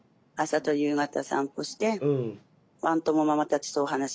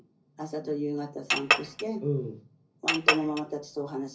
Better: first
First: none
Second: background sound (Chink, clink); 4 dB above the speech // room echo; dies away in 0.5 s

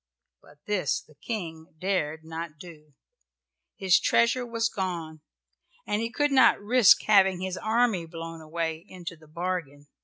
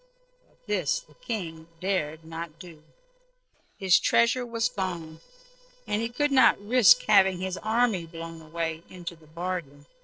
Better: first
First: none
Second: noise reduction (neural separator model SepFormer DNS4)

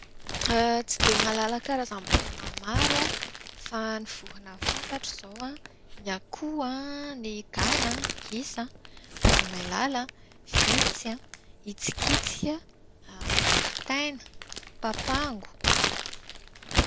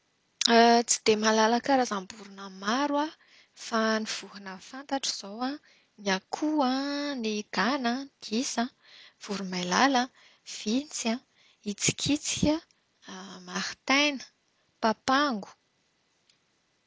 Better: second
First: background sound (Crumpling, crinkling); 3 dB above the speech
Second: none

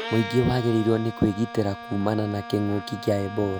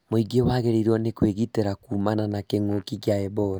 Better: second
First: background sound (Bowed string instrument); 12 dB below the speech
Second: none

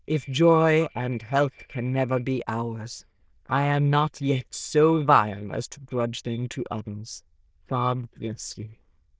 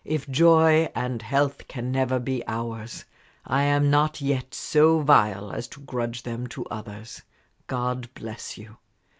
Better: second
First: noise reduction (neural diffusion model UNIVERSE++)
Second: none

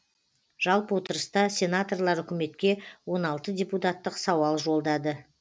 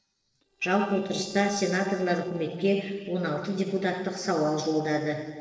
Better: first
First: none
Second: noise reduction (neural separator model SepFormer DNS4)

